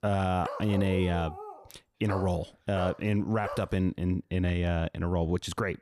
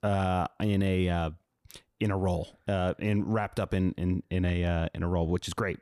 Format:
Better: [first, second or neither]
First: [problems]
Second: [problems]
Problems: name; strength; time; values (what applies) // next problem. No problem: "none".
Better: second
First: dog barking; noticeable; until 3.5 s; peak 8 dB below the speech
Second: none